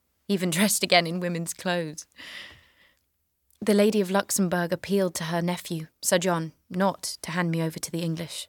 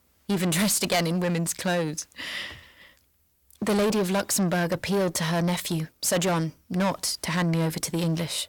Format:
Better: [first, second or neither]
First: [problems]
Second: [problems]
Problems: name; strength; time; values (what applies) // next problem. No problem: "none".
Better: first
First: none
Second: distortion; heavy; 6 dB below the speech